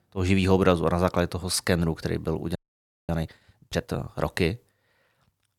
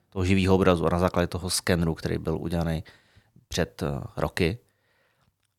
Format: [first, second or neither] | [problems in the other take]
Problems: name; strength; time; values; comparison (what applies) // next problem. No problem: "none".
second | audio freezing; at 2.5 s for 0.5 s